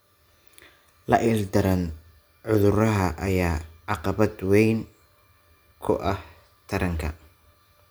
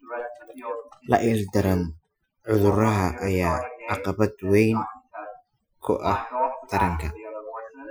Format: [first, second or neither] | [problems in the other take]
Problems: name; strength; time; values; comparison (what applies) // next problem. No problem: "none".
first | noise reduction (classical method Wiener filter)